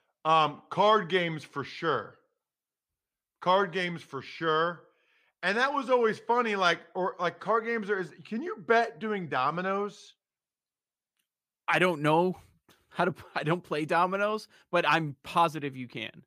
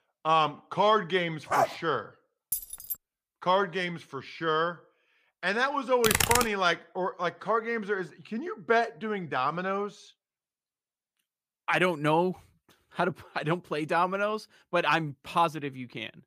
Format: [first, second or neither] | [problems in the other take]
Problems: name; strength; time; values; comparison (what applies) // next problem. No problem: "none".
first | dog barking; loud; at 1.5 s; peak 1 dB above the speech // jangling keys; noticeable; at 2.5 s; peak 4 dB below the speech // keyboard typing; loud; at 6 s; peak 5 dB above the speech